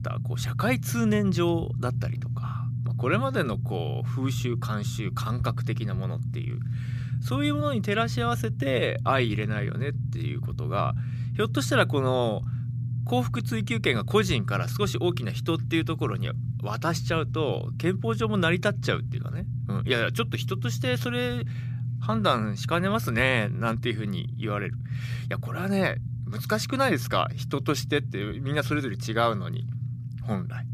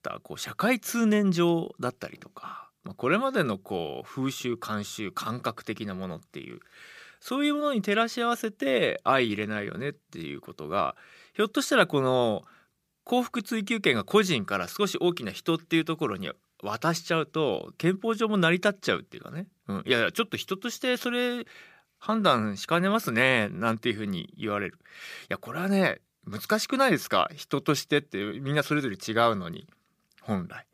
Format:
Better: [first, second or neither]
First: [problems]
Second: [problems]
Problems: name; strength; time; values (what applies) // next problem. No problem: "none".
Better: second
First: low rumble; noticeable; throughout; 15 dB below the speech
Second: none